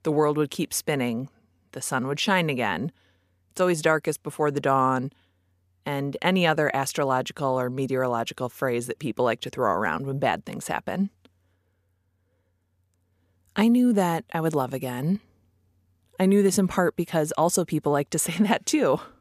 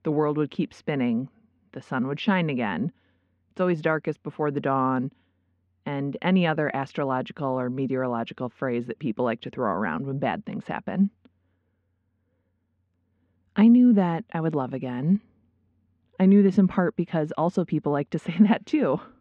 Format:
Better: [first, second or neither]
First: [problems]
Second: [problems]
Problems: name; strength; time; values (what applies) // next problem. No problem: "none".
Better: first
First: none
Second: muffled; very; fading above 3 kHz